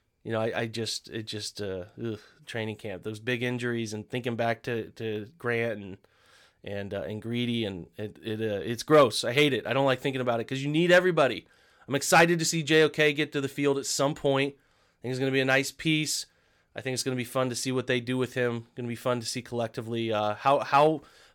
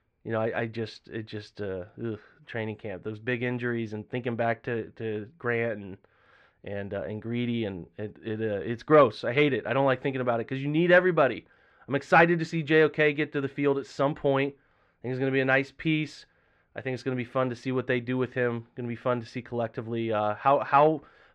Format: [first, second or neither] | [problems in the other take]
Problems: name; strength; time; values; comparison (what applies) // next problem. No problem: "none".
first | muffled; very; fading above 2 kHz